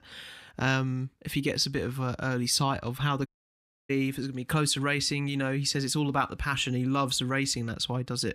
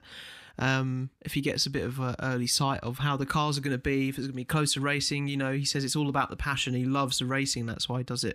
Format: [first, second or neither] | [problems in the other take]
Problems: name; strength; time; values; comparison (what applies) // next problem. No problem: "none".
second | audio cutting out; at 3.5 s for 0.5 s